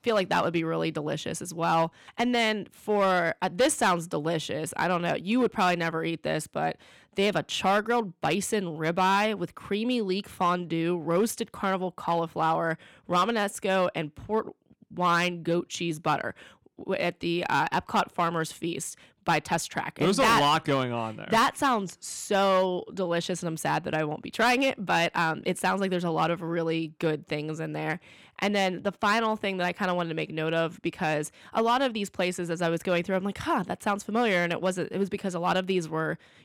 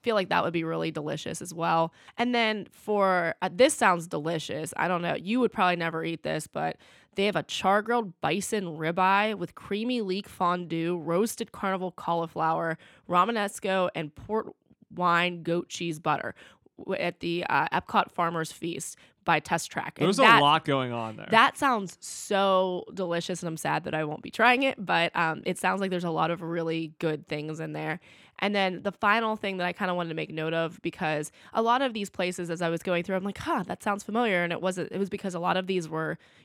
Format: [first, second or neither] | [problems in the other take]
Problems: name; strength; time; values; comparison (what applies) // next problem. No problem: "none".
second | distortion; slight; 3% of the sound clipped